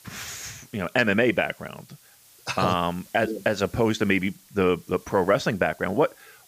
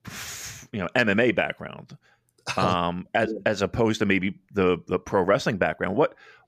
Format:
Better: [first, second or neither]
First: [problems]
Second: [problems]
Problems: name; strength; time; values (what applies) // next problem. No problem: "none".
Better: second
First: hiss; faint; throughout; 25 dB below the speech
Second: none